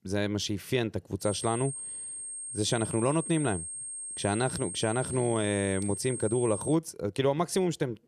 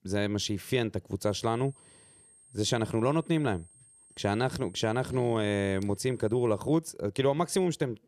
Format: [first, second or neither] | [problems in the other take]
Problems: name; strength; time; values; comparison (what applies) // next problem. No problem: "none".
second | high-pitched whine; loud; from 1 to 6.5 s; 8.5 kHz, 7 dB below the speech; faint in the second